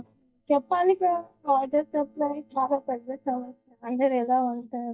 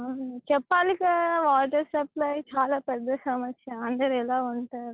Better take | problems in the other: second | noise reduction (neural mask model DeepFilterNet 3)

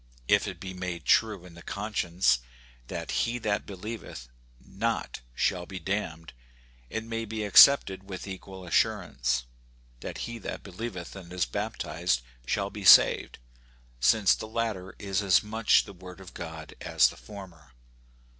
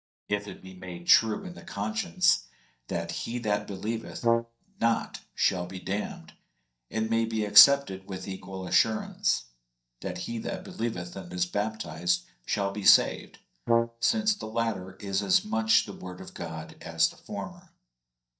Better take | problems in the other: first | noise reduction (neural mask model DeepFilterNet 3)

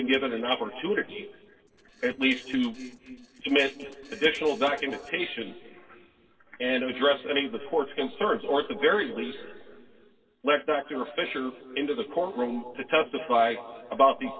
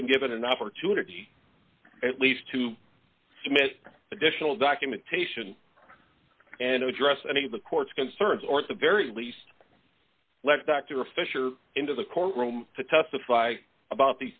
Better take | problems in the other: second | noise reduction (neural separator model SepFormer DNS4)

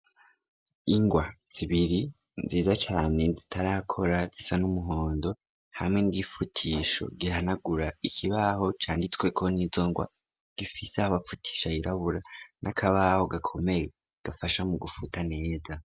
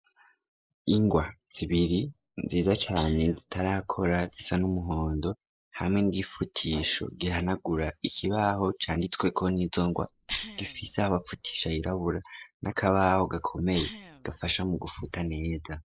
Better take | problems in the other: first | noise reduction (neural mask model Resemble Enhance denoiser)

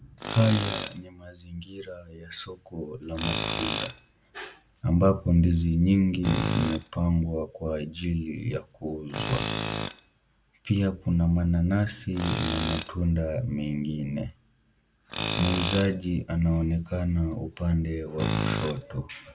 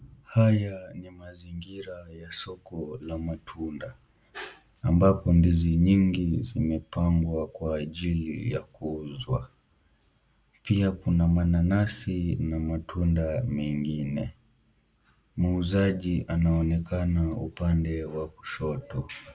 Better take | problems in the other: second | background sound (Tools); 8 dB below the speech

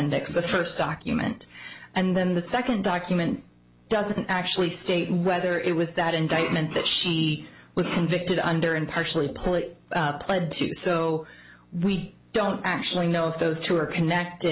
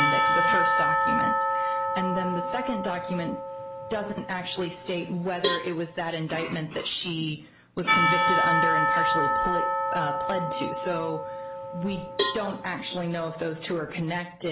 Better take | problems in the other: first | background sound (Cowbell + Church bell / Percussion); 4 dB above the speech

